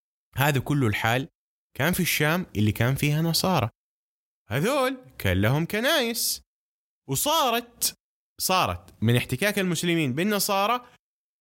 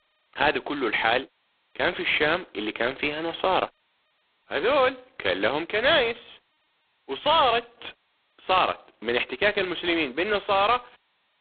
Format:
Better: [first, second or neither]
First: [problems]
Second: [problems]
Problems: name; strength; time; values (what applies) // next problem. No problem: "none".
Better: first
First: none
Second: phone-call audio; poor line